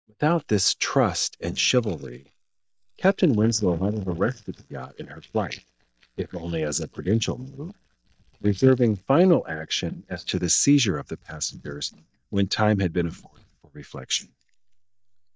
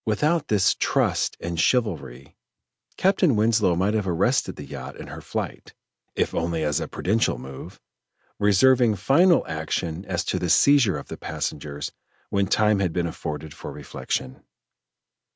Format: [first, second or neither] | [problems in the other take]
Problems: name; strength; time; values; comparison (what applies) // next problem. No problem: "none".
second | noise reduction (neural mask model DeepFilterNet 3)